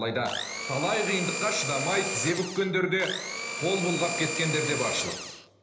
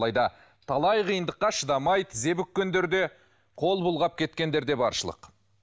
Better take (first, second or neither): second